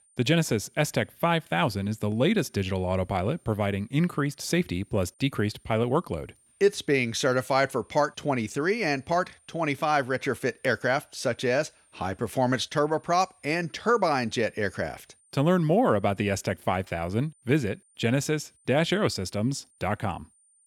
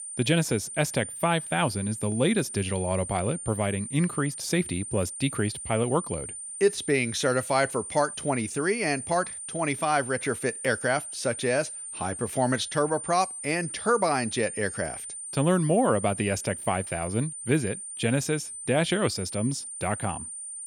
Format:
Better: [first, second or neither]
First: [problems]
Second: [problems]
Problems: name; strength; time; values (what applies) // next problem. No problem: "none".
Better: first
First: high-pitched whine; faint; throughout; 9 kHz, 35 dB below the speech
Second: high-pitched whine; loud; throughout; 9 kHz, 8 dB below the speech